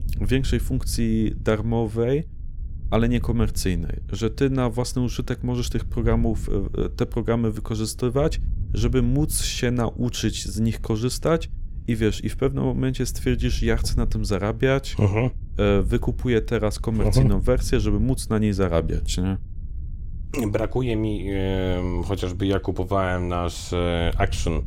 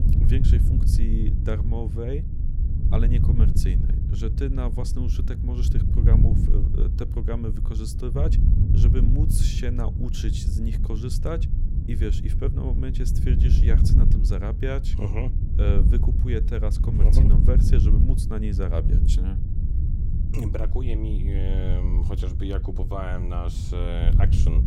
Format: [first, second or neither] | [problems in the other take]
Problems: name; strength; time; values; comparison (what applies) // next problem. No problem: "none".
first | wind noise on the microphone; heavy; 3 dB below the speech; occasional gusts in the first